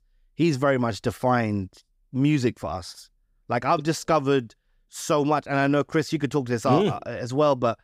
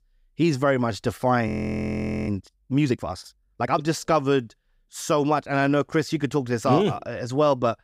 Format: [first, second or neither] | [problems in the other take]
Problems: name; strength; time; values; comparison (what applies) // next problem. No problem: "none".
first | audio freezing; at 1.5 s for 1 s